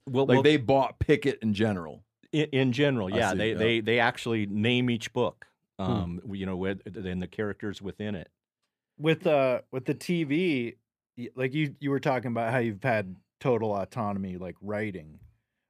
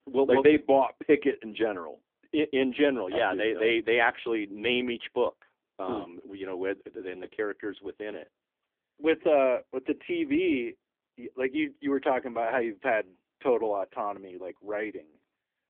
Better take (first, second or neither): first